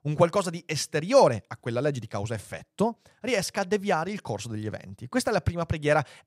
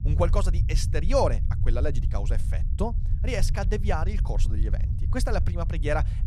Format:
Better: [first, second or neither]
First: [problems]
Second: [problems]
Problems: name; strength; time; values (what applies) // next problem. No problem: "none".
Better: first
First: none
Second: low rumble; noticeable; throughout; 15 dB below the speech